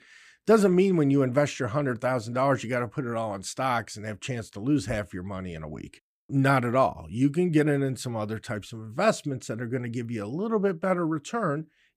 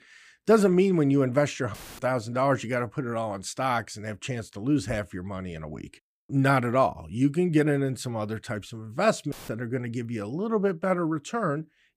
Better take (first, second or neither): first